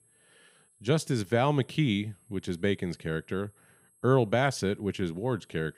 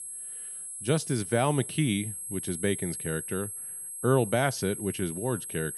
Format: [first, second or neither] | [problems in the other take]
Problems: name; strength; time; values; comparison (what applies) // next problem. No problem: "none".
first | high-pitched whine; loud; throughout; 11 kHz, 6 dB below the speech; faint in the first